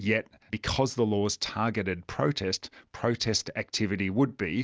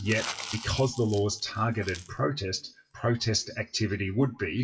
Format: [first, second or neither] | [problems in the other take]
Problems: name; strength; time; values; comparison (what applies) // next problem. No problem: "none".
first | noise reduction (classical method WPE with log-MMSE)